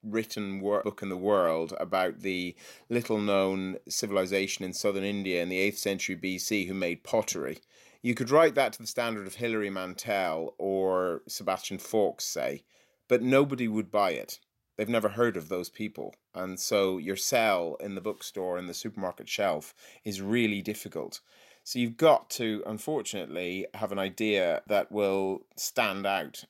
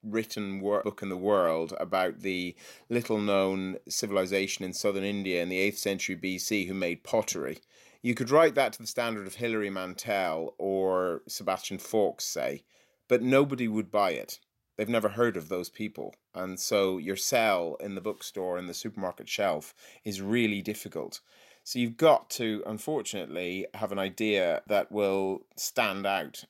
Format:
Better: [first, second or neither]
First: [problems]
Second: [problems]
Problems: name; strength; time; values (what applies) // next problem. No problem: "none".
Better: neither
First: none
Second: none